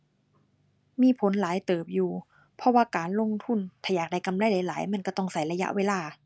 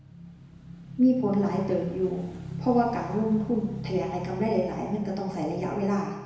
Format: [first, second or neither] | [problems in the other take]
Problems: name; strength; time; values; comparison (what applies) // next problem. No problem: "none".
first | background sound (Motorcycle / Engine); 12 dB below the speech // room echo; dies away in 1 s